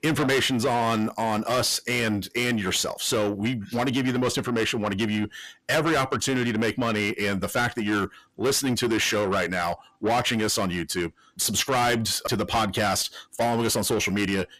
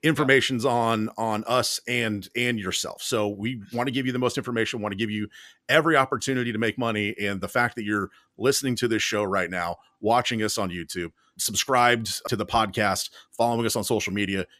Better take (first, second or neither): second